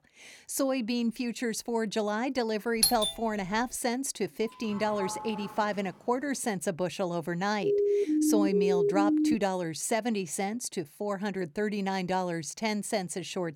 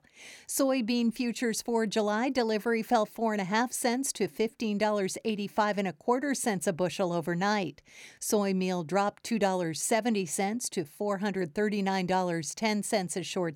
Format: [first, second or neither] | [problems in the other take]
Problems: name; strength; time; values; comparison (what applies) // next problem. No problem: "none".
second | doorbell; loud; at 3 s; peak 6 dB above the speech // doorbell; noticeable; from 4.5 to 6 s; peak 7 dB below the speech // siren; loud; from 7.5 to 9.5 s; peak 5 dB above the speech